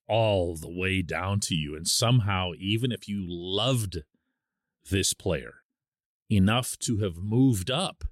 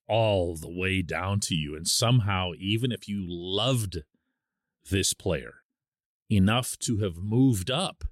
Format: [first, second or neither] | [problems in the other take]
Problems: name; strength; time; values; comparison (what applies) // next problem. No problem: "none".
neither | none